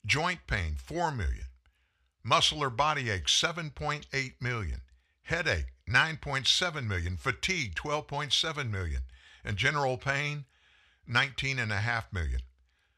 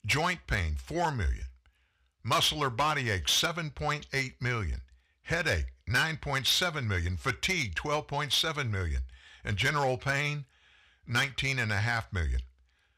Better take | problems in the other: first | distortion; slight; 4% of the sound clipped

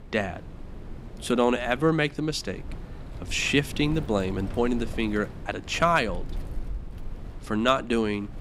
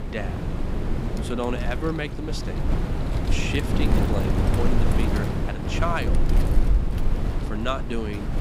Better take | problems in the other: first | wind noise on the microphone; heavy; 3 dB below the speech; occasional gusts in the first

